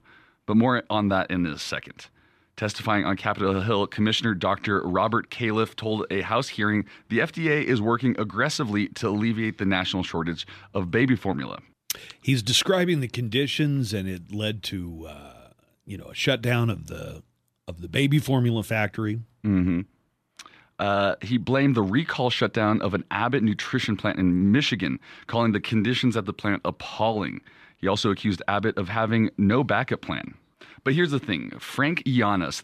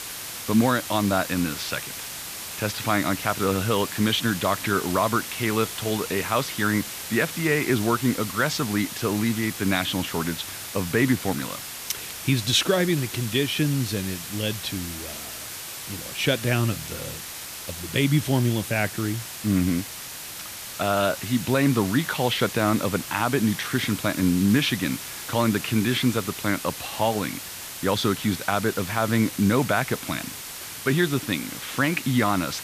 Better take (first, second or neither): first